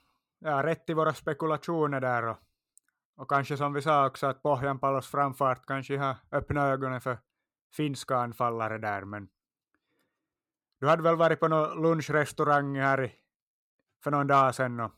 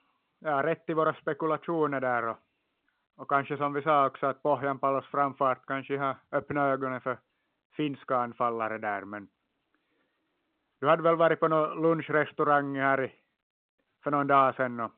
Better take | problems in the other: first | phone-call audio

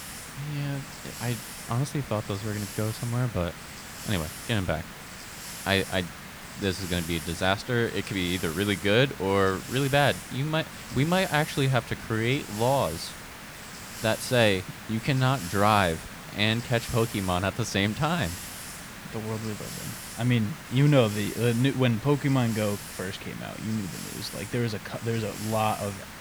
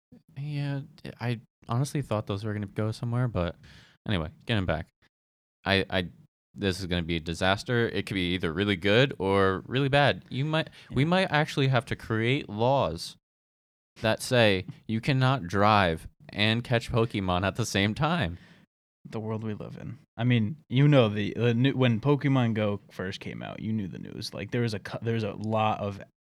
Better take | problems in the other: second | hiss; noticeable; throughout; 10 dB below the speech

